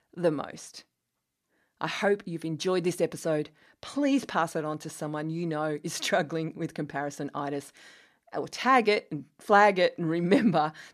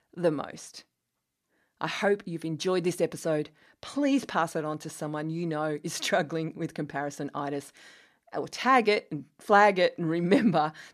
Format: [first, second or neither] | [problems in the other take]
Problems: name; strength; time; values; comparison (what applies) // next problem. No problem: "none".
neither | none